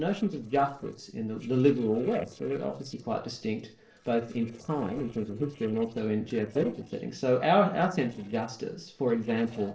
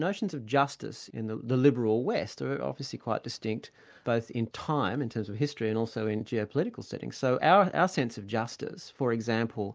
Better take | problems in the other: second | noise reduction (neural separator model SepFormer DNS4)

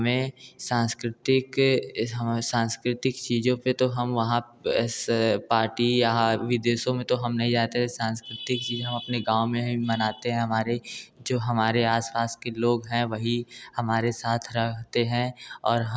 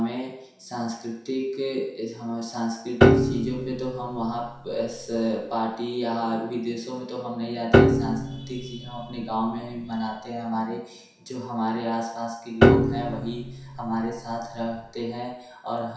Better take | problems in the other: first | background sound (Piano); 5 dB above the speech // room echo; dies away in 0.7 s

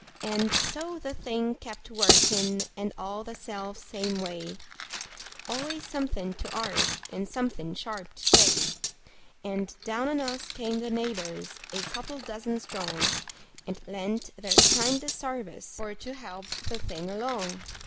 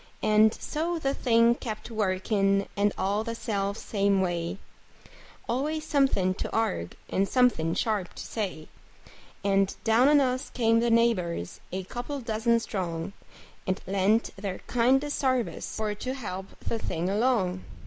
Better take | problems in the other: second | background sound (Cutlery, silverware); 2 dB above the speech

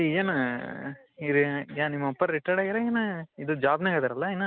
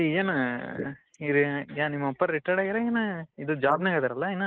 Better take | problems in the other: first | noise reduction (neural mask model Resemble Enhance denoiser)

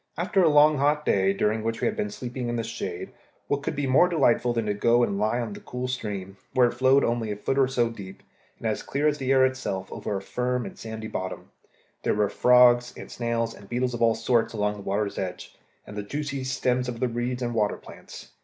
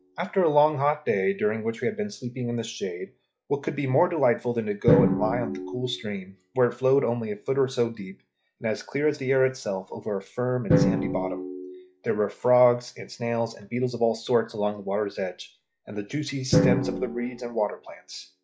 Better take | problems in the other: first | noise reduction (classical method log-MMSE)

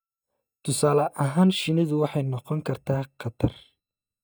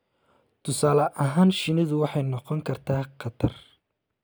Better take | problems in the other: second | noise reduction (neural mask model DeepFilterNet 3)

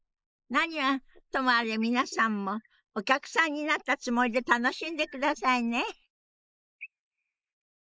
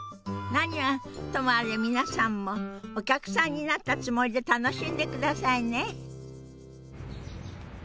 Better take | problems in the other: second | noise reduction (neural mask model Resemble Enhance denoiser)

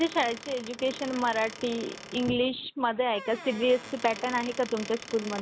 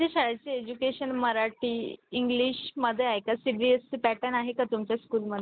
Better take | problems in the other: second | background sound (Squeak / Wood); 14 dB below the speech

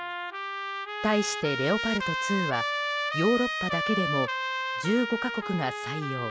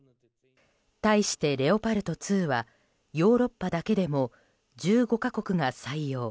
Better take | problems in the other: second | background sound (Trumpet); 2 dB below the speech

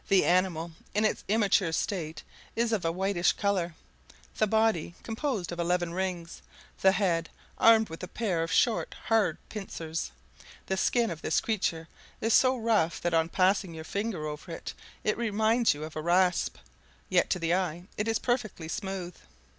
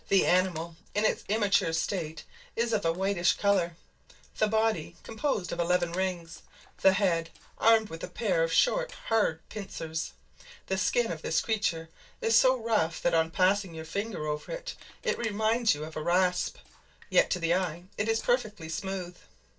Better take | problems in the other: first | noise reduction (neural separator model SepFormer DNS4)

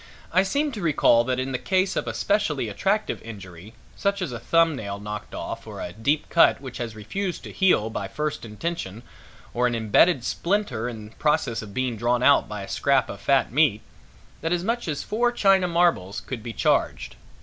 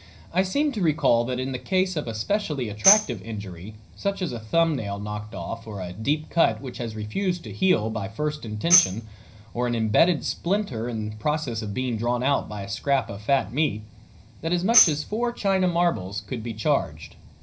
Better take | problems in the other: first | background sound (Tambourine); 2 dB below the speech // room echo; dies away in 0.4 s

